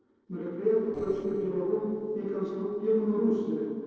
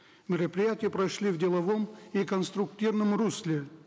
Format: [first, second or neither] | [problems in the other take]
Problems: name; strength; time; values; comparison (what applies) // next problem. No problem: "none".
second | noise reduction (neural separator model SepFormer DNS4)